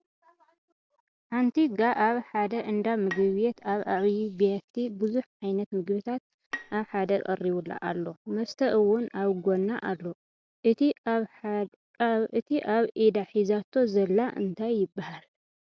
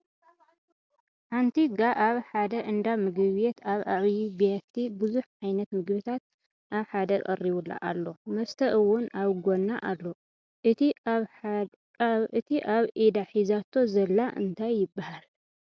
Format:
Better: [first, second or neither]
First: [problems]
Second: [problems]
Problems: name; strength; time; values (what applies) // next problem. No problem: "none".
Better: second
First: background sound (Bowed string instrument); 17 dB below the speech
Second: none